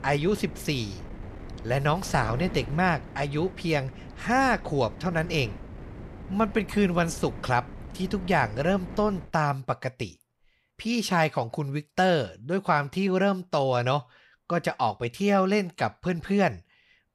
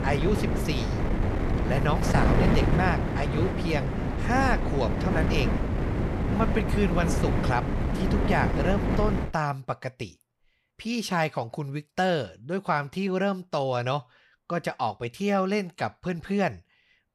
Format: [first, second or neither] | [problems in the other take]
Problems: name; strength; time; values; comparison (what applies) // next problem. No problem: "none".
first | wind noise on the microphone; heavy; until 9.5 s; 3 dB below the speech; occasional gusts in the first